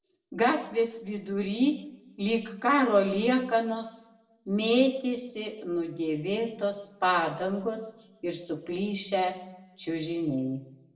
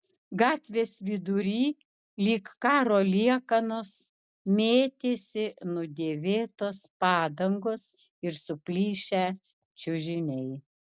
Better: second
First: room echo; dies away in 0.7 s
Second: none

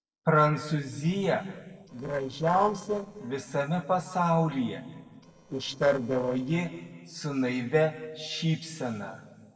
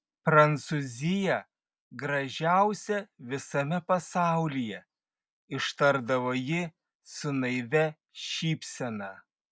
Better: second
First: noise reduction (neural separator model SepFormer DNS4)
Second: none

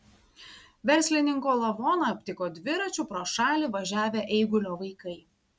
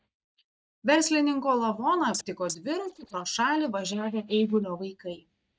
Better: first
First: none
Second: noise reduction (neural mask model DeepFilterNet 3)

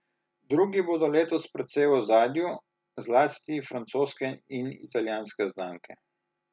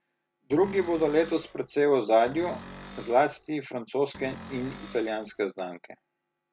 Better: first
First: none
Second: background sound (Cupboard open or close); 17 dB below the speech

